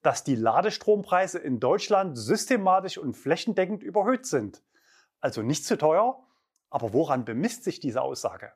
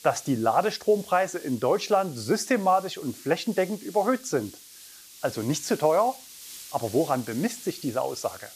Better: first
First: none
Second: hiss; noticeable; throughout; 15 dB below the speech

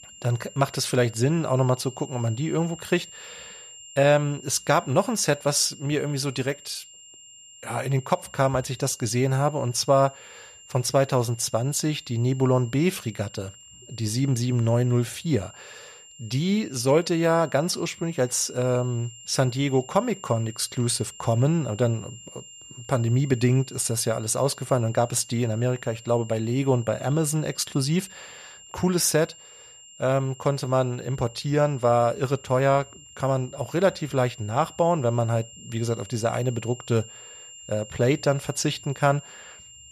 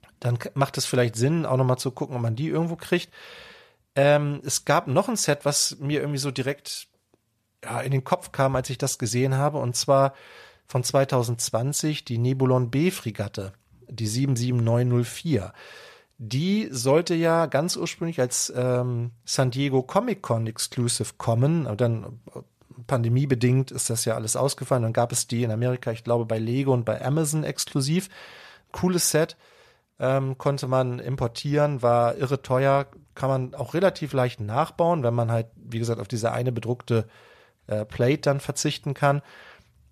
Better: second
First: high-pitched whine; noticeable; throughout; 7.5 kHz, 20 dB below the speech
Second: none

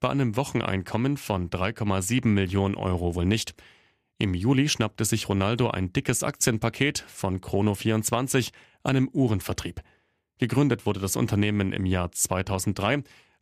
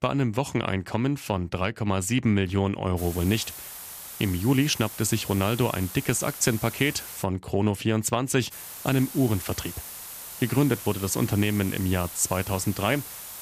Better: first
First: none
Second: hiss; noticeable; from 3 to 7 s and from 8.5 s on; 10 dB below the speech

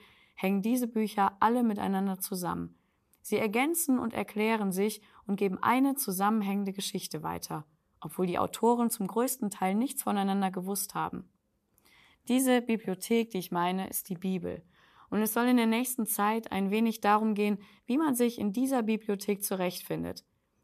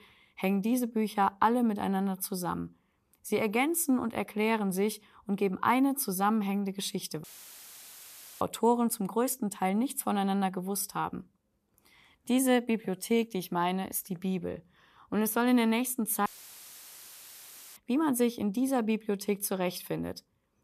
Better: first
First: none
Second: audio cutting out; filled with static; at 7 s for 1 s and at 16 s for 1.5 s

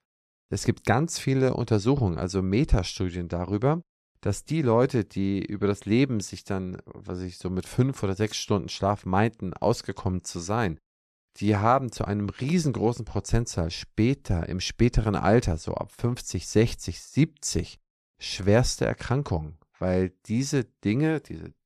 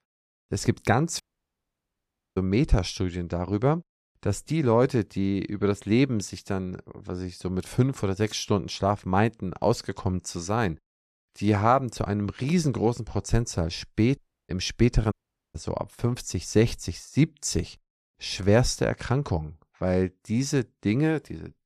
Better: first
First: none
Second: audio cutting out; at 1 s for 1 s, at 14 s and at 15 s

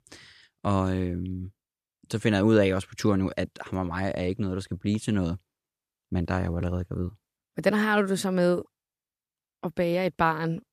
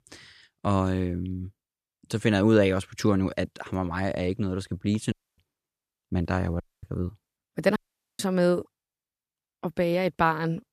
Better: first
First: none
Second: audio cutting out; at 5 s, at 6.5 s and at 8 s

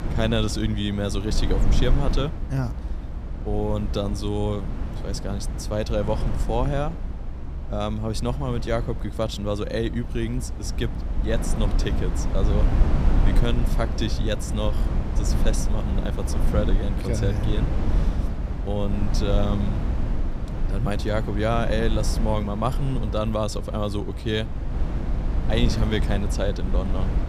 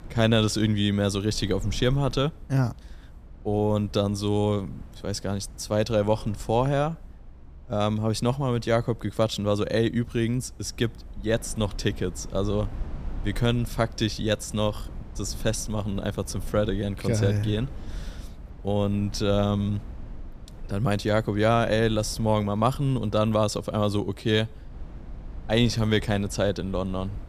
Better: second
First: low rumble; loud; throughout; 8 dB below the speech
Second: low rumble; faint; throughout; 25 dB below the speech

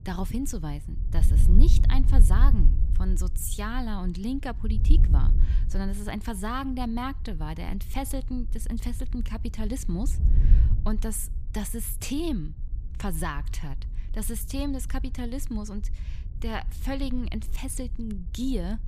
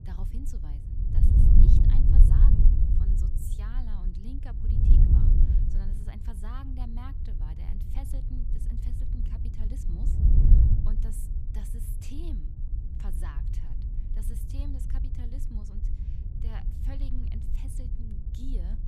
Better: first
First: wind noise on the microphone; occasional gusts; 10 dB below the speech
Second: wind noise on the microphone; heavy; 5 dB above the speech

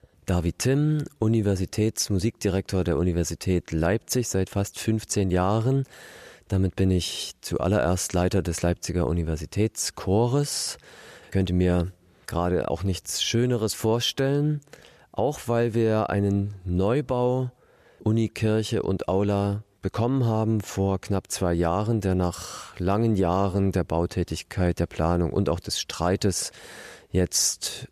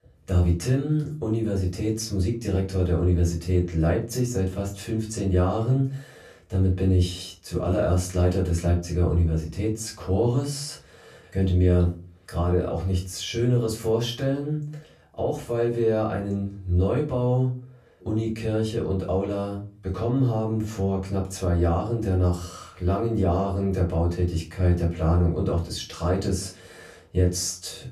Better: first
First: none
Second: off-mic speech; far // room echo; slight; dies away in 0.3 s

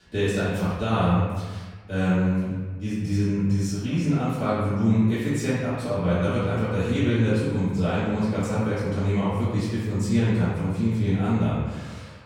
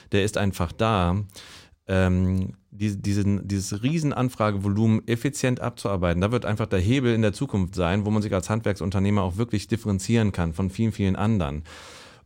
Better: second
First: off-mic speech; far // room echo; strong; dies away in 1.3 s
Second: none

